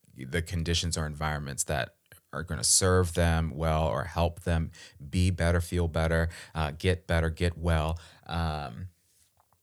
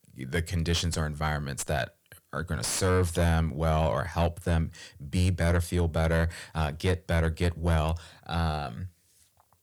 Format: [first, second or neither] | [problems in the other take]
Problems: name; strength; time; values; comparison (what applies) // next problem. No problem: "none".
first | distortion; slight; 10 dB below the speech